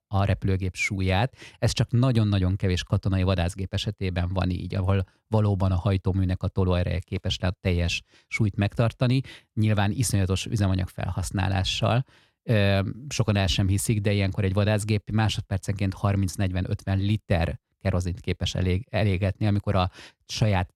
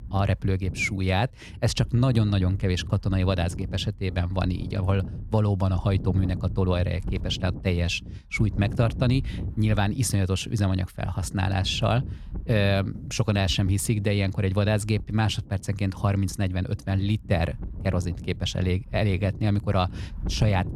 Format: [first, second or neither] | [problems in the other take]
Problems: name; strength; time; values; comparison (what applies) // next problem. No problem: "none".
first | wind noise on the microphone; occasional gusts; 20 dB below the speech